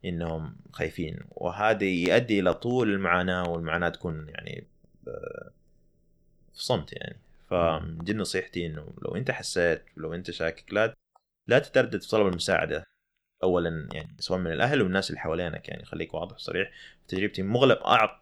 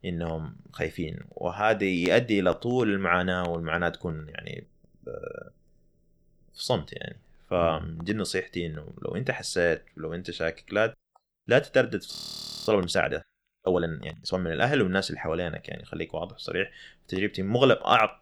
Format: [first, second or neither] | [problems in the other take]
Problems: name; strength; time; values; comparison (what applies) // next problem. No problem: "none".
first | audio freezing; at 12 s for 0.5 s